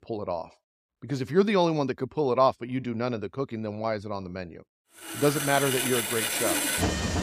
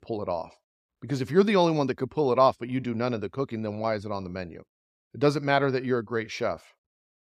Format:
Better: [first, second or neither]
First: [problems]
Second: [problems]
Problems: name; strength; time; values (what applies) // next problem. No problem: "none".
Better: second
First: machinery noise; very loud; from 5 s on; 1 dB above the speech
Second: none